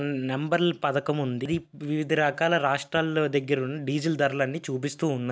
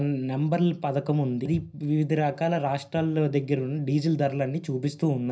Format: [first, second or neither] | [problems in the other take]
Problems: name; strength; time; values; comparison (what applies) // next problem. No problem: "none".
first | room echo; dies away in 0.4 s